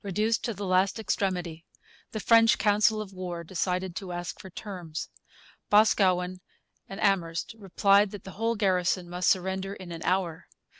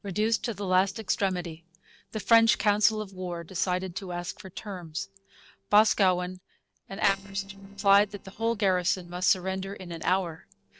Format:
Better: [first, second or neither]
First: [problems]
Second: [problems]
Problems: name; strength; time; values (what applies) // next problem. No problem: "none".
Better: first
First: none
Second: noise reduction (neural separator model SepFormer DNS4)